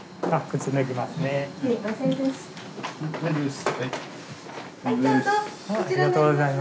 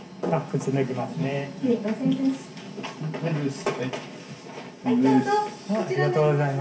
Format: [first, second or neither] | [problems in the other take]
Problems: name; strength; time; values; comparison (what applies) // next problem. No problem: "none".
first | room echo; dies away in 0.7 s